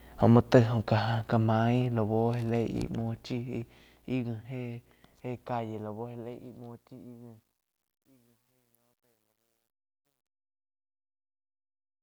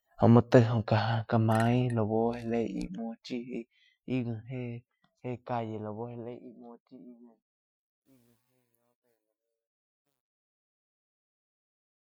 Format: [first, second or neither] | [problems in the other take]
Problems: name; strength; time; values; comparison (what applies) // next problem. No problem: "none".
first | noise reduction (classical method Wiener filter)